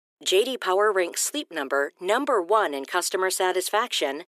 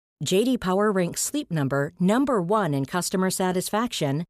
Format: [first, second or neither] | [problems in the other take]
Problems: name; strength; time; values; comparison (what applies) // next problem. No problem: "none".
second | thin; very; fading below 350 Hz